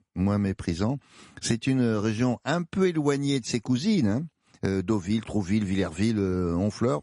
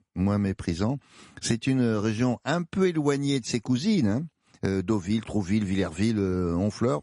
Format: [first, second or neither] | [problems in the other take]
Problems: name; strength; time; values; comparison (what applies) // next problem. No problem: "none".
neither | garbled, watery; slightly; nothing above 10.5 kHz; the same in both